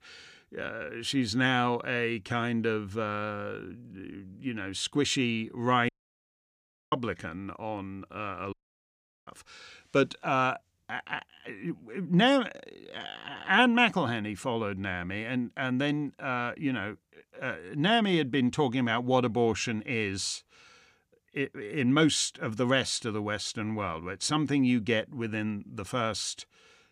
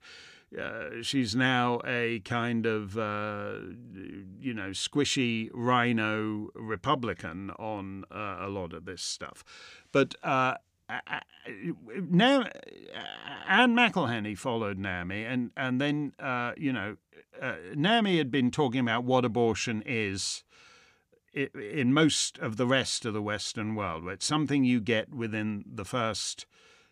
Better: second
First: audio cutting out; at 6 s for 1 s and at 8.5 s for 0.5 s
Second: none

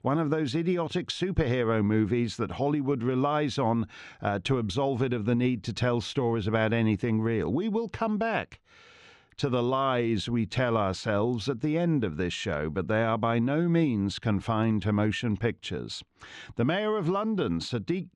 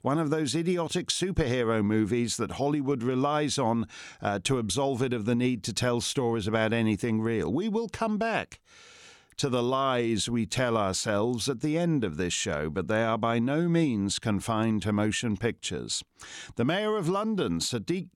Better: second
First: muffled; slightly; fading above 3.5 kHz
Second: none

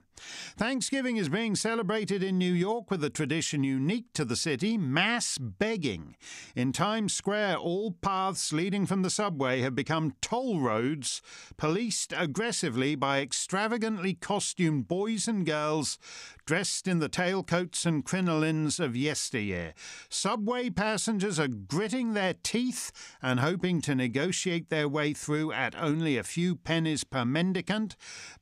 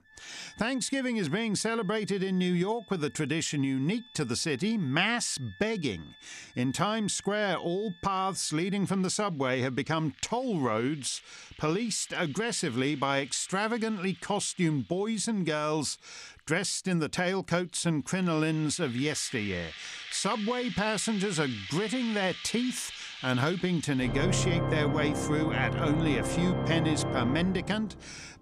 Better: first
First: none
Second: background music; loud; throughout; 6 dB below the speech

